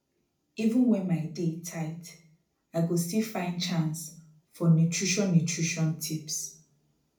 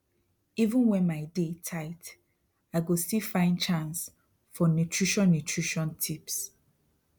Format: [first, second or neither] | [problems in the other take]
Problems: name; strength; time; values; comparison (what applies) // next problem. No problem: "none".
second | room echo; dies away in 0.4 s